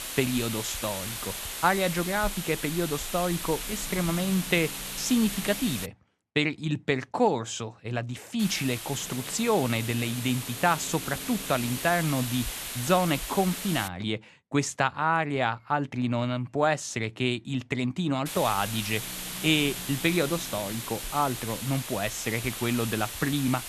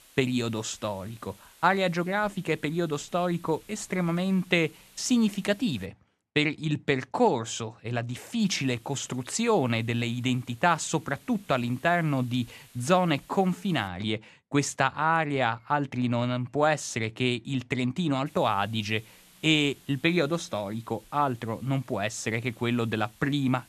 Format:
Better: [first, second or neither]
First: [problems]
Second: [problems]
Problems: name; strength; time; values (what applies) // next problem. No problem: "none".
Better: second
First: hiss; loud; until 6 s, from 8.5 to 14 s and from 18 s on; 6 dB below the speech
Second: hiss; faint; until 6 s, from 8.5 to 14 s and from 18 s on; 25 dB below the speech